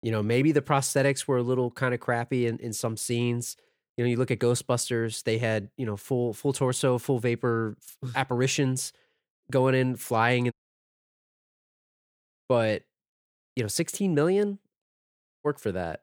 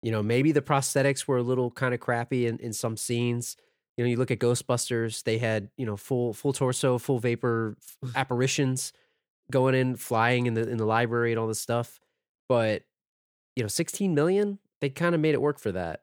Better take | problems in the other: second | audio cutting out; at 11 s for 2 s and at 15 s for 0.5 s

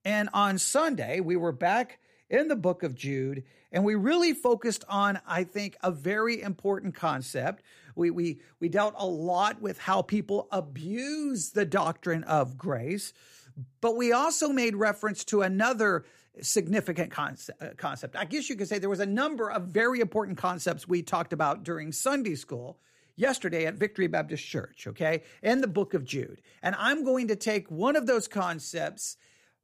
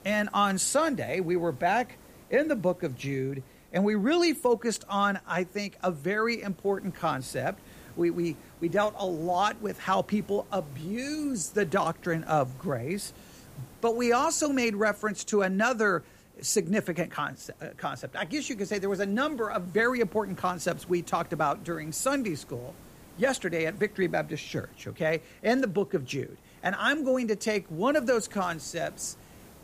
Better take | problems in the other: first | hiss; faint; throughout; 25 dB below the speech

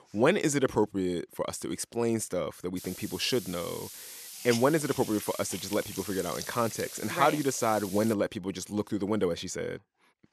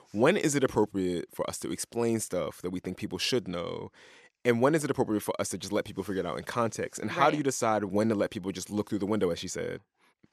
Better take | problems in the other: second | hiss; noticeable; from 3 to 8 s; 10 dB below the speech

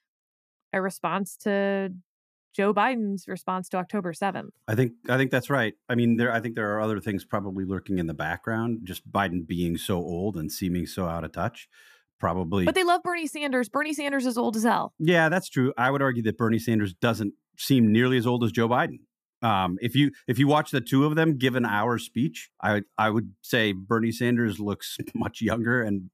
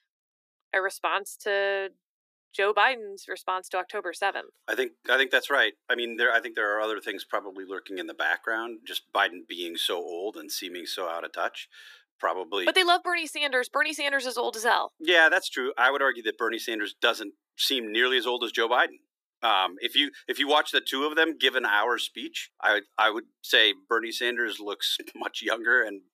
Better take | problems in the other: first | thin; very; fading below 350 Hz

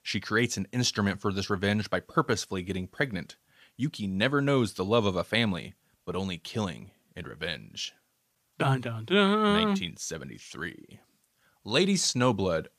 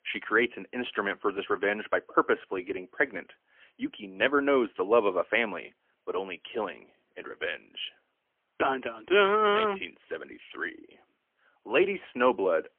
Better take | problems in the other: first | phone-call audio; poor line; nothing above 3.5 kHz

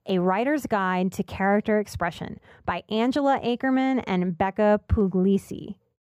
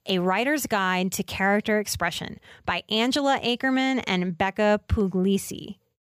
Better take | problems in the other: second | muffled; slightly; fading above 2 kHz

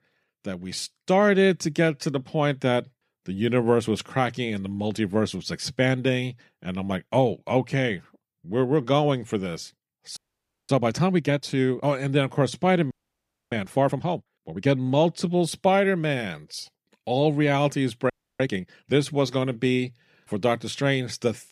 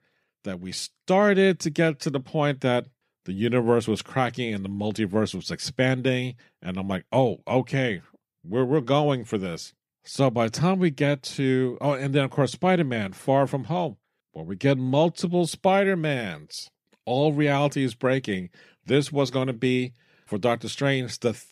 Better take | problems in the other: second | audio freezing; at 10 s for 0.5 s, at 13 s for 0.5 s and at 18 s

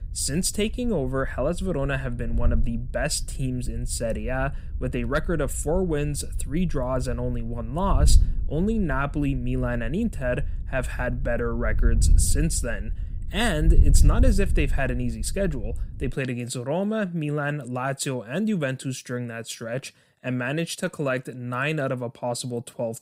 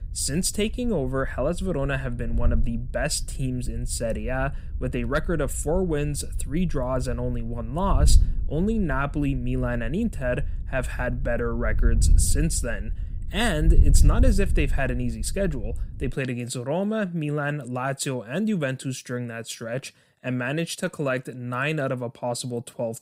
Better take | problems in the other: neither | wind noise on the microphone; occasional gusts; until 16 s; 20 dB below the speech; the same in both

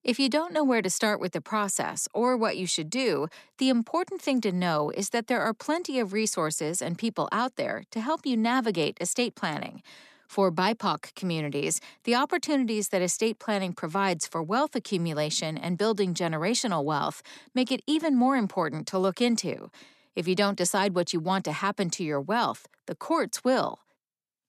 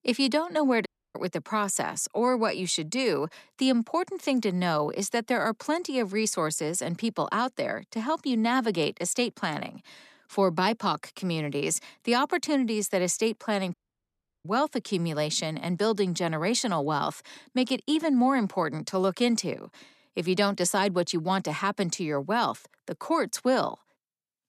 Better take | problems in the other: first | audio cutting out; at 1 s and at 14 s for 0.5 s

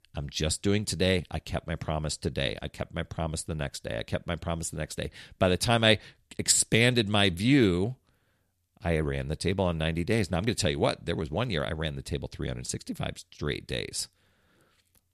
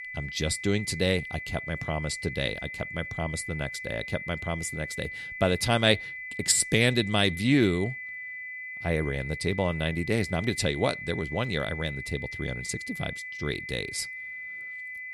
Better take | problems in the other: first | high-pitched whine; loud; throughout; 2 kHz, 8 dB below the speech

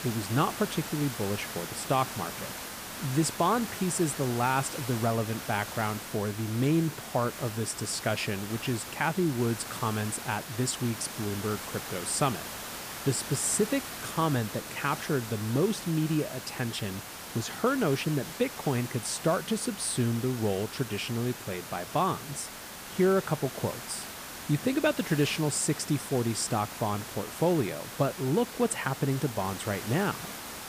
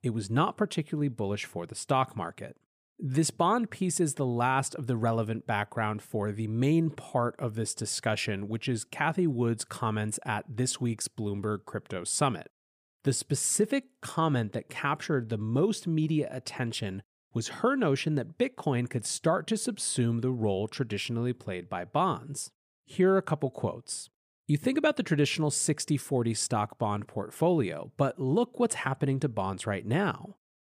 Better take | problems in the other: second | hiss; loud; throughout; 8 dB below the speech

